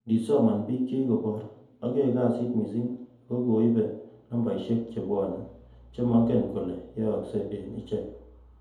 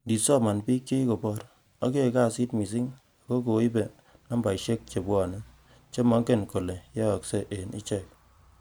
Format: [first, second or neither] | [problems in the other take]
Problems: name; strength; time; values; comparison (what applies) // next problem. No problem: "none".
second | room echo; dies away in 2 s